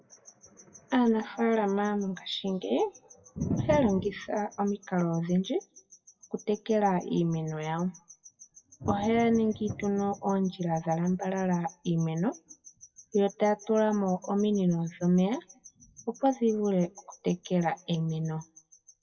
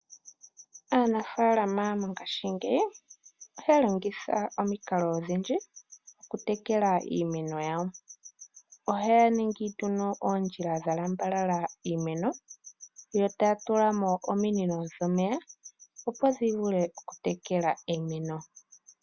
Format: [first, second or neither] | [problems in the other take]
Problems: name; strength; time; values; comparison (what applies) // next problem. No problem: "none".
second | noise reduction (classical method WPE with log-MMSE)